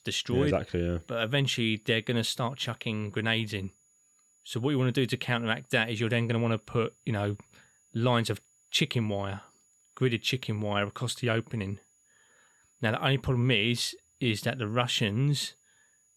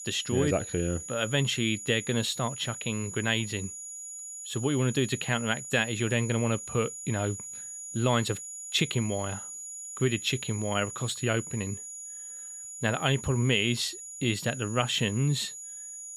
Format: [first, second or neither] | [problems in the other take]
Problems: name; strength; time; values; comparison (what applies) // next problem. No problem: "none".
first | high-pitched whine; loud; throughout; 7 kHz, 9 dB below the speech; faint in the first